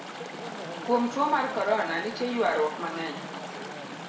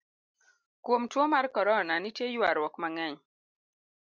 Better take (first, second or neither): second